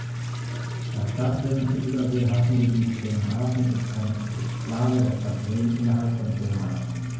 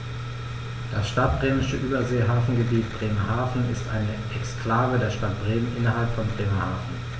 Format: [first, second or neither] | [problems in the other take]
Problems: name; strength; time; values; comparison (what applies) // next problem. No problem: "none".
second | background sound (Toilet flush); 19 dB below the speech // room echo; dies away in 0.9 s